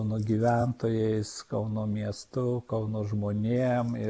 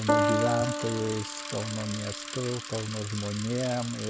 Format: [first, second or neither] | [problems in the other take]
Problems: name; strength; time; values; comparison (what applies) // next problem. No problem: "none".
first | background sound (Bicycle + Piano); 1 dB below the speech